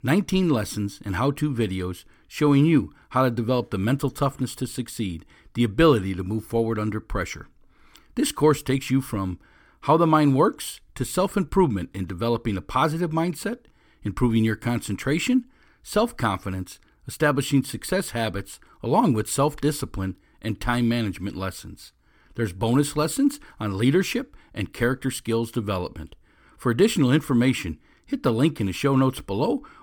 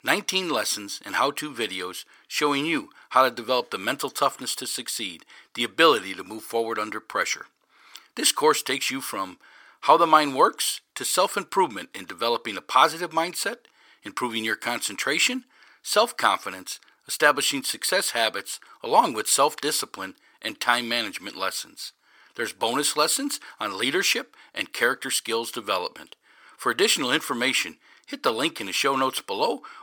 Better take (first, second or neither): first